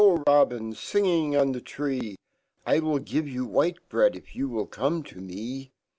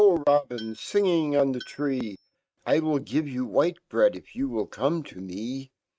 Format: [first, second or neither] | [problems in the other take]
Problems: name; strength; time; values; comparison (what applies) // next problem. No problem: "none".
first | noise reduction (neural mask model RNNoise)